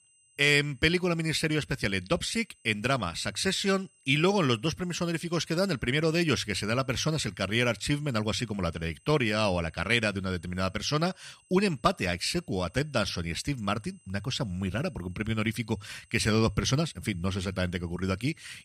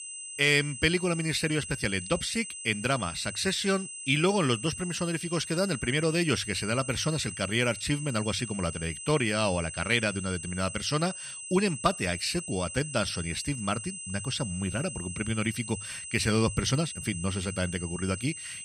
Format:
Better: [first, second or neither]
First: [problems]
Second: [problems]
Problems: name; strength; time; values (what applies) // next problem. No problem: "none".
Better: first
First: high-pitched whine; faint; throughout; 8 kHz, 35 dB below the speech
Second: high-pitched whine; loud; throughout; 8 kHz, 9 dB below the speech